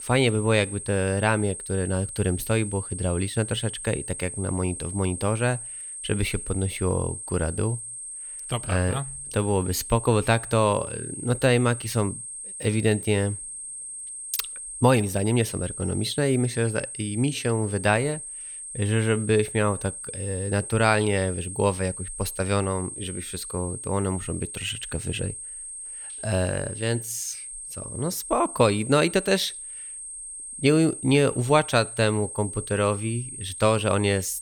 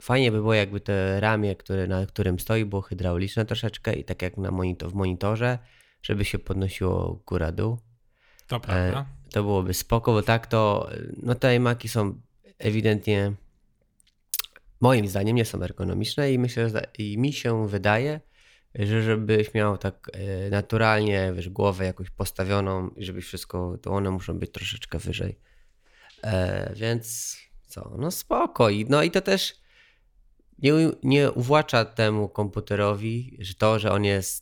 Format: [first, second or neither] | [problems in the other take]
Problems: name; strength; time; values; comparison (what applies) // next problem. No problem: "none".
second | high-pitched whine; loud; throughout; 8.5 kHz, 9 dB below the speech